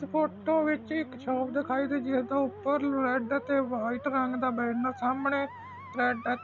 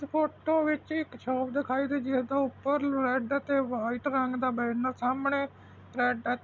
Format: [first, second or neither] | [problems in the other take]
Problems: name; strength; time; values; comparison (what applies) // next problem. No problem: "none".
second | background sound (Musical instrument); 16 dB below the speech